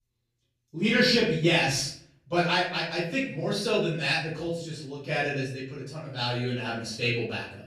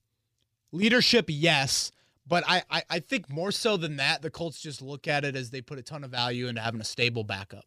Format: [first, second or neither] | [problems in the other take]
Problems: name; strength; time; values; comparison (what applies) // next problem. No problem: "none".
second | off-mic speech; far // room echo; noticeable; dies away in 0.5 s